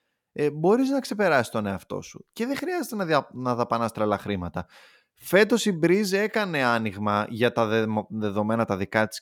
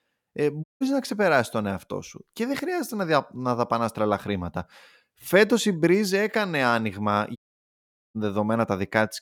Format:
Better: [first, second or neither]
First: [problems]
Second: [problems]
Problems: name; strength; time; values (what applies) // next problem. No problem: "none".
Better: first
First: none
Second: audio cutting out; at 0.5 s and at 7.5 s for 1 s